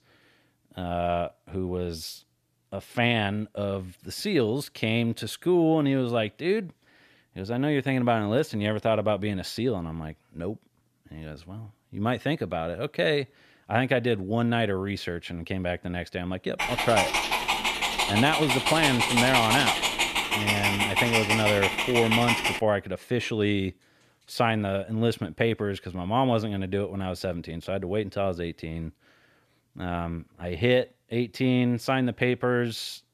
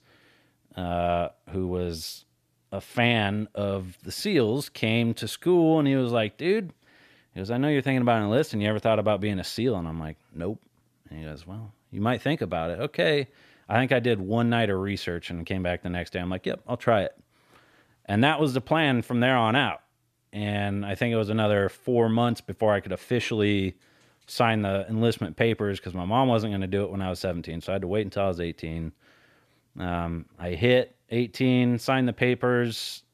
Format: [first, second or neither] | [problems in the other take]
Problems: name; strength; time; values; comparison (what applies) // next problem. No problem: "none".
second | dog barking; loud; from 17 to 23 s; peak 5 dB above the speech